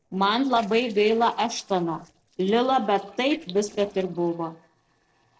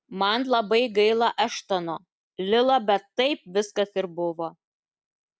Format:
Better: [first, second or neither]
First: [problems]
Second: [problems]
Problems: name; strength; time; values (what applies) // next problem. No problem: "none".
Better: second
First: noise reduction (neural separator model SepFormer DNS4)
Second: none